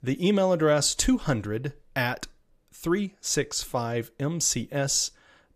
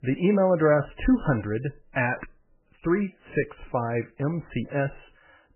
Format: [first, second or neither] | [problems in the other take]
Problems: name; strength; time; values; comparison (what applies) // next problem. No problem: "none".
first | garbled, watery; badly; nothing above 2.5 kHz